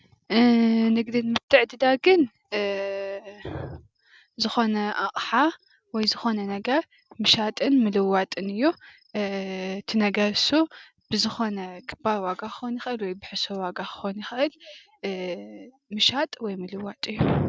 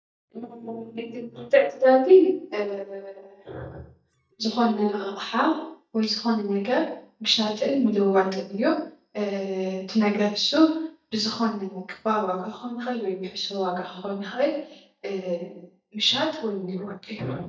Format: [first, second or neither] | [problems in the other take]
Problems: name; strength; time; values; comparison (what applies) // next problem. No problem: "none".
first | noise reduction (neural mask model DeepFilterNet 3)